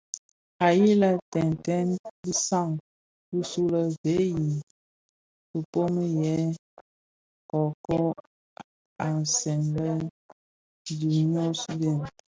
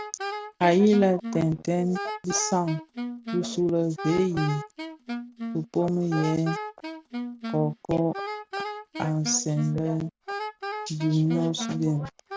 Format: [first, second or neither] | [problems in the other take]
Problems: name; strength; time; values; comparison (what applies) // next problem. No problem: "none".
first | background sound (Wind instrument, woodwind instrument); 9 dB below the speech